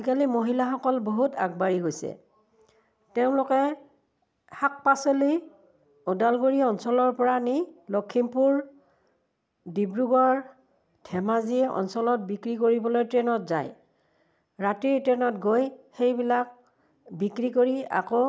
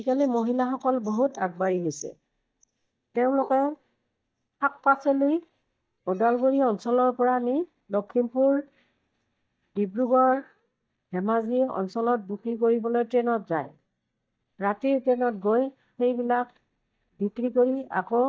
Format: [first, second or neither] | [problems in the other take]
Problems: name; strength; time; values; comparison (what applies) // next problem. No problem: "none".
first | noise reduction (neural mask model DeepFilterNet 3)